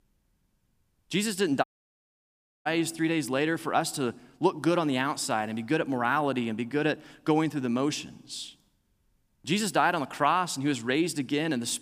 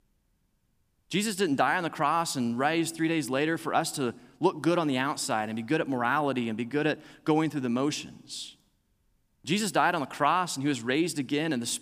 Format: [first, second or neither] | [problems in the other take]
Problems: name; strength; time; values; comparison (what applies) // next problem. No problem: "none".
second | audio cutting out; at 1.5 s for 1 s